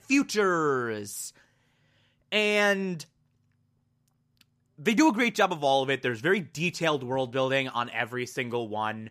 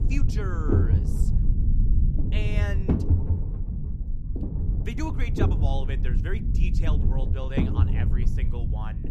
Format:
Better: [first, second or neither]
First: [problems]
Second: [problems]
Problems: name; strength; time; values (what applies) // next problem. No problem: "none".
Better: first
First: none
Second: low rumble; loud; throughout; 1 dB below the speech